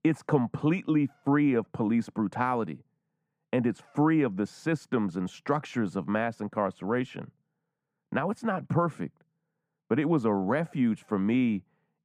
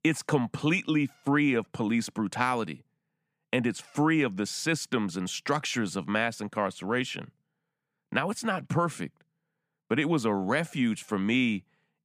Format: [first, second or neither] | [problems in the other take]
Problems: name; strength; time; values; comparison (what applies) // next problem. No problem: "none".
second | muffled; slightly; fading above 2 kHz